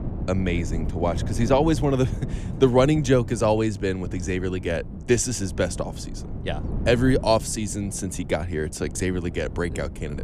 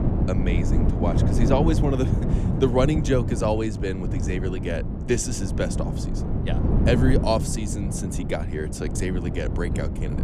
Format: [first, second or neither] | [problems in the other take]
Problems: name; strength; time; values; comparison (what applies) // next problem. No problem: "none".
first | wind noise on the microphone; heavy; 6 dB below the speech; occasional gusts in the first